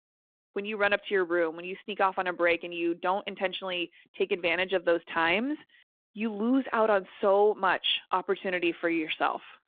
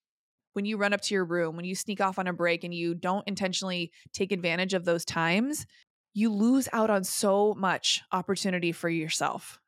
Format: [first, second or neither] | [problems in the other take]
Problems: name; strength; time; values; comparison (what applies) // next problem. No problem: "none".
second | phone-call audio